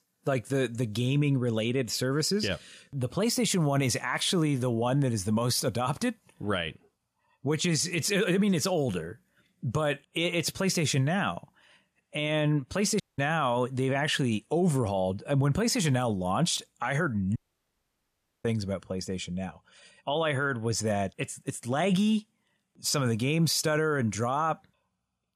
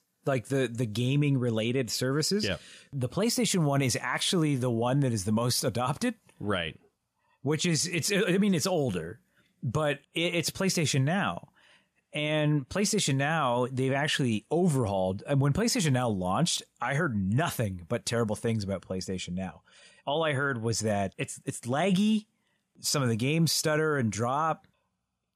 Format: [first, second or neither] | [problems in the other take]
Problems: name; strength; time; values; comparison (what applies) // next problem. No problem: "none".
second | audio cutting out; at 13 s and at 17 s for 1 s